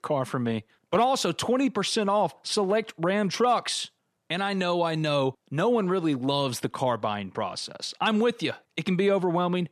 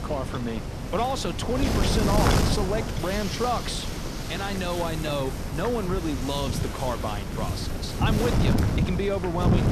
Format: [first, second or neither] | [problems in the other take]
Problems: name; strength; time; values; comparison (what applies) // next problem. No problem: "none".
first | wind noise on the microphone; heavy; 3 dB below the speech